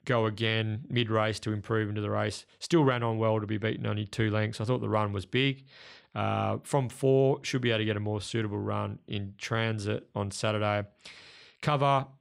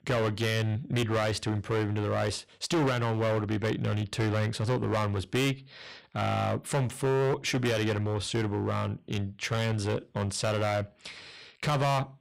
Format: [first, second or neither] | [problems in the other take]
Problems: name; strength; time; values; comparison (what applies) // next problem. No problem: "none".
first | distortion; heavy; 14% of the sound clipped